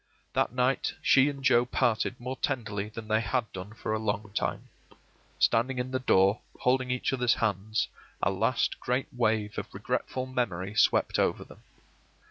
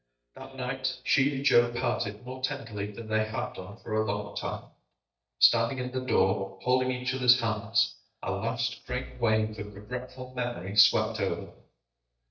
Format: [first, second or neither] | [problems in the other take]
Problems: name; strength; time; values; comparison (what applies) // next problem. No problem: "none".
first | noise reduction (neural mask model DeepFilterNet 3)